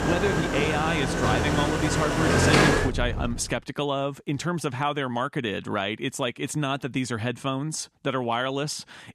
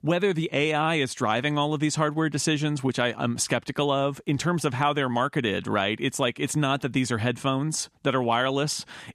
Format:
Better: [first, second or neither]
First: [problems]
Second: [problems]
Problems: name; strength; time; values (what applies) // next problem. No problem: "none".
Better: second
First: traffic noise; very loud; until 3.5 s; 4 dB above the speech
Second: none